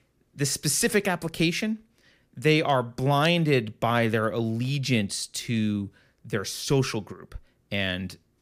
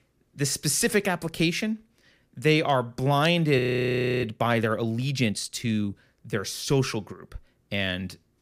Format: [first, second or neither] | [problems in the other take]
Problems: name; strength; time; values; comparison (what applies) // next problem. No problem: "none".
first | audio freezing; at 3.5 s for 0.5 s